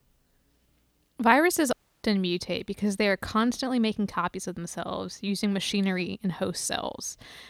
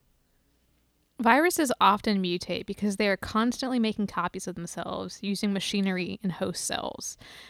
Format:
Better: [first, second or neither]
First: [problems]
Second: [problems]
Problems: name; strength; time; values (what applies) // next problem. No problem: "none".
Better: second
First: audio cutting out; at 1.5 s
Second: none